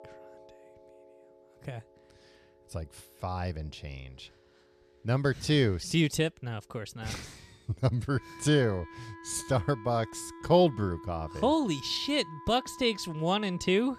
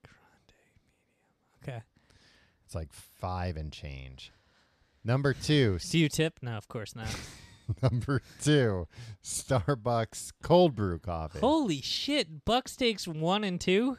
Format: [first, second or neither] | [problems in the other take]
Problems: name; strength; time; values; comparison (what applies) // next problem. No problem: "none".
second | background music; noticeable; throughout; 20 dB below the speech